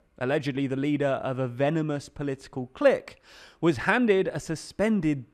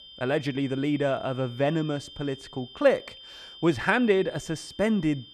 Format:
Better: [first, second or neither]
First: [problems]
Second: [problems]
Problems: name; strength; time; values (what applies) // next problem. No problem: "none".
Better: first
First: none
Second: high-pitched whine; noticeable; throughout; 3 kHz, 20 dB below the speech